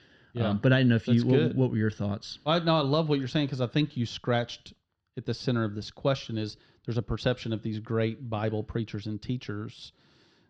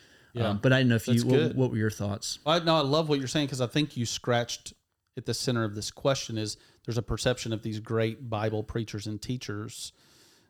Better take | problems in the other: second | muffled; very slightly; fading above 4.5 kHz

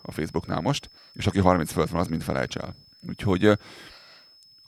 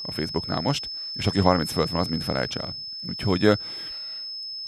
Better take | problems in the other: first | high-pitched whine; loud; throughout; 5 kHz, 6 dB below the speech; faint in the first

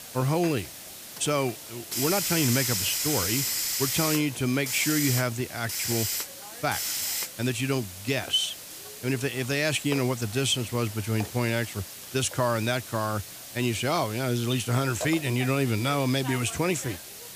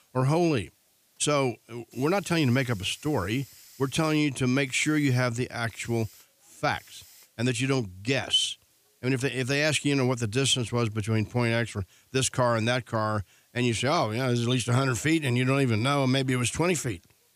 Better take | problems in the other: second | hiss; loud; throughout; 4 dB below the speech; faint in the second

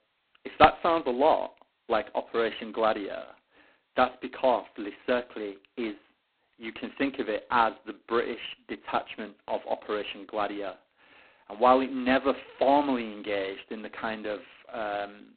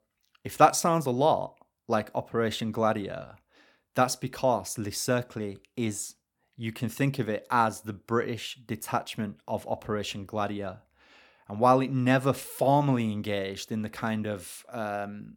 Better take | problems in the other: second | phone-call audio; poor line; nothing above 4 kHz

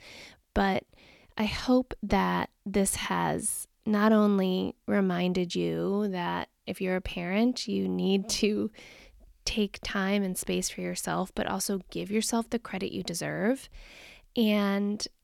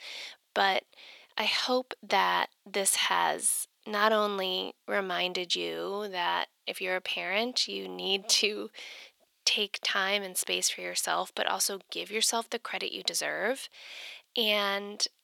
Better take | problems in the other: first | thin; very; fading below 600 Hz

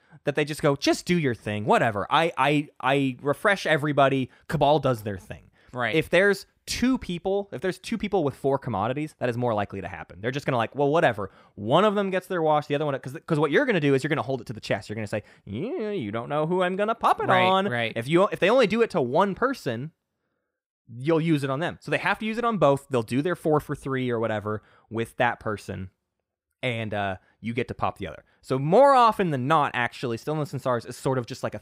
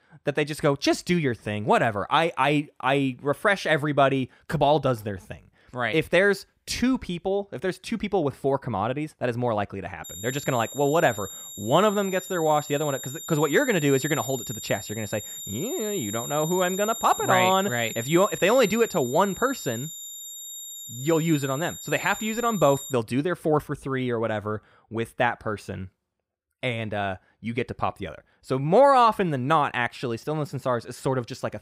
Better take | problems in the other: first | high-pitched whine; loud; from 10 to 23 s; 7 kHz, 10 dB below the speech

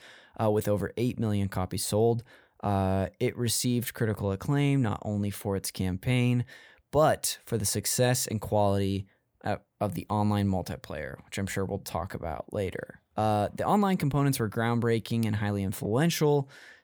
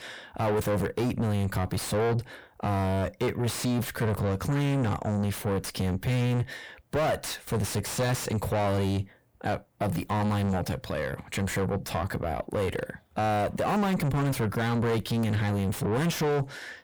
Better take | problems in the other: first | distortion; heavy; 5 dB below the speech

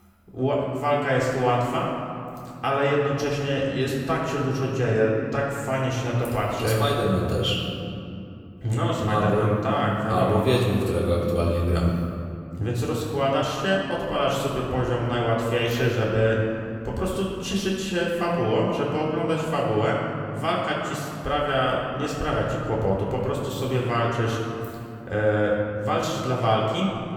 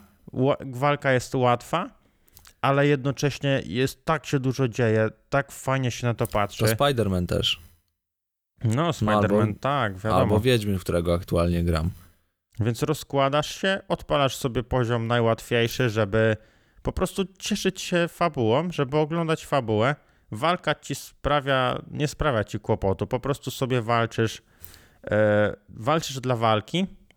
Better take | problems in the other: second | off-mic speech; far // room echo; noticeable; dies away in 2.3 s

